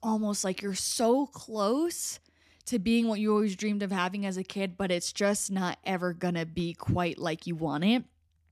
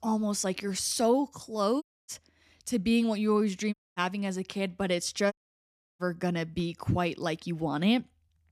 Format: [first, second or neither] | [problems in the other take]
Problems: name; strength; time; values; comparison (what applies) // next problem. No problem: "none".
first | audio cutting out; at 2 s, at 3.5 s and at 5.5 s for 0.5 s